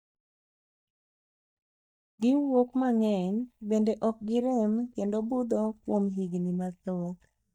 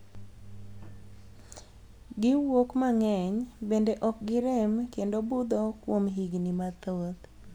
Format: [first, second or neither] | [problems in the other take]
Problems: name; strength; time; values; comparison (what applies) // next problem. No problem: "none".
second | noise reduction (neural mask model DeepFilterNet 3)